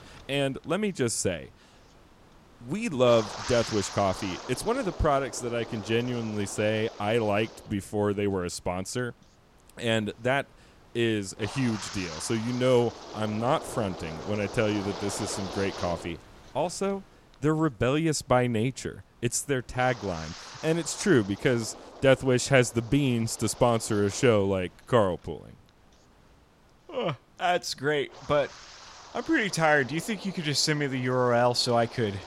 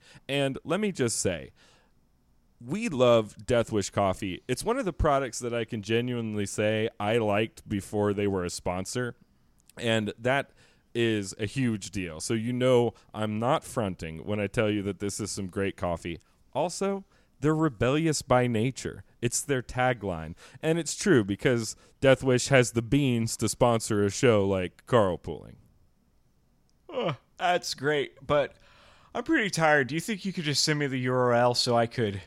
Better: second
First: wind noise on the microphone; occasional gusts; 15 dB below the speech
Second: none

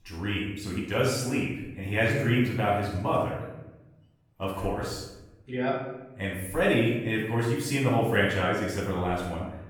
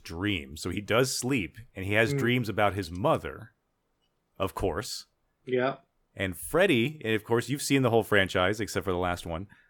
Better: second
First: off-mic speech; far // room echo; noticeable; dies away in 0.9 s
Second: none

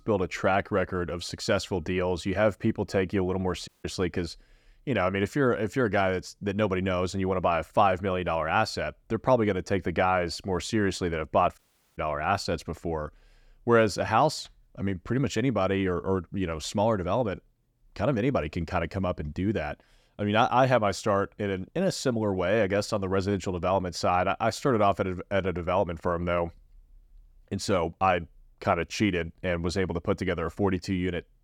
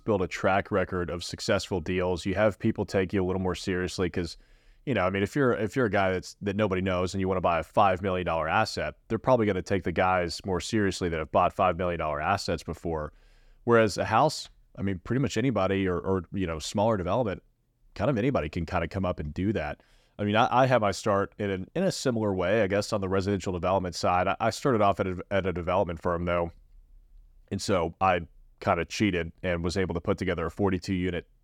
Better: second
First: audio cutting out; at 3.5 s and at 12 s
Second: none

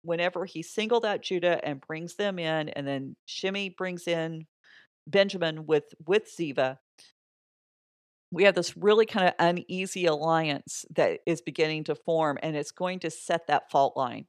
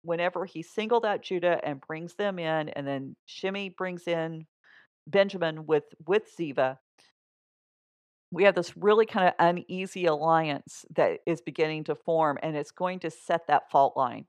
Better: first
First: none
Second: muffled; slightly; fading above 3 kHz

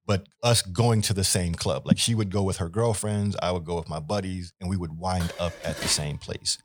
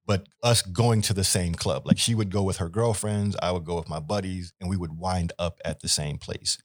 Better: second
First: clattering dishes; noticeable; at 5 s; peak 7 dB below the speech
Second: none

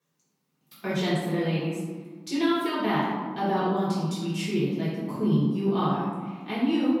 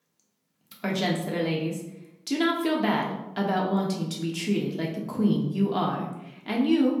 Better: second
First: room echo; strong; dies away in 1.4 s // off-mic speech; far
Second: room echo; slight; dies away in 0.7 s // off-mic speech; far

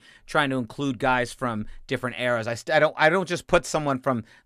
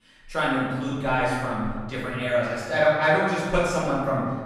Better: first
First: none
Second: off-mic speech; far // room echo; strong; dies away in 1.5 s

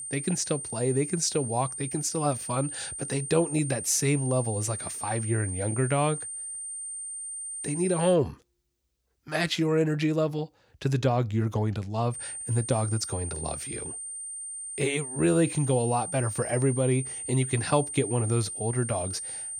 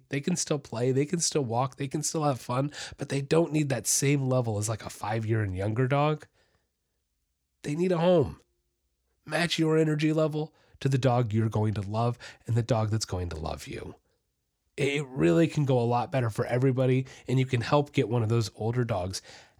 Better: second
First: high-pitched whine; loud; until 8 s and from 12 s on; 9 kHz, 6 dB below the speech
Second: none

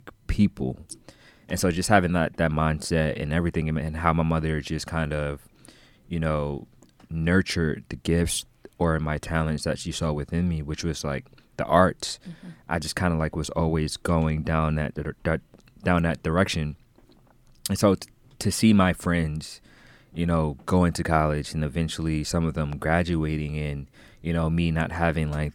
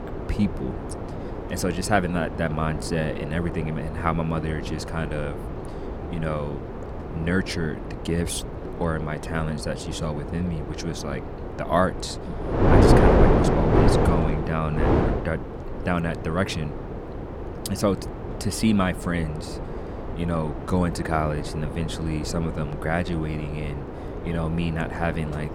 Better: first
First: none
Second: wind noise on the microphone; heavy; 2 dB below the speech

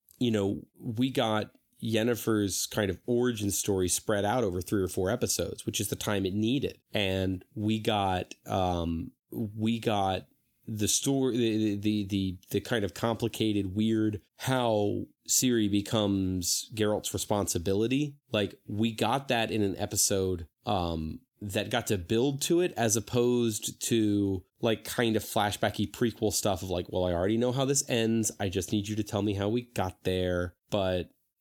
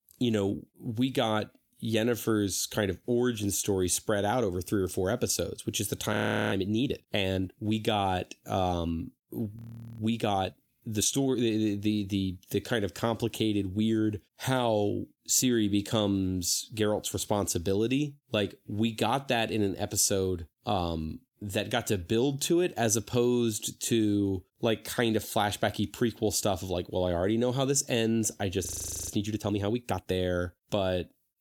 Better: first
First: none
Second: audio freezing; at 6 s, at 9.5 s and at 29 s

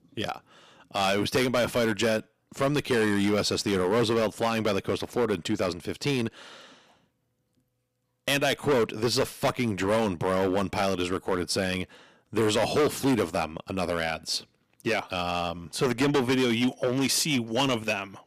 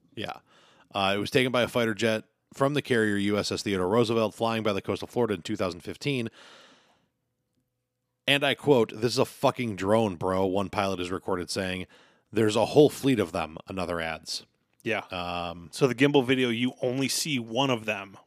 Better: second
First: distortion; heavy; 9% of the sound clipped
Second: none

